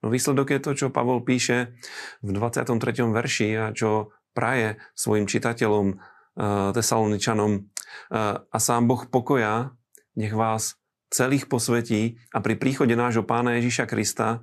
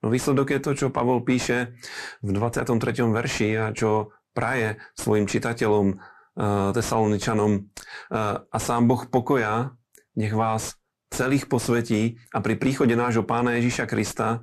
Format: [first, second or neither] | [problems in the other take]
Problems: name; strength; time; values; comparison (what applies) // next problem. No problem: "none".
first | distortion; slight; 10 dB below the speech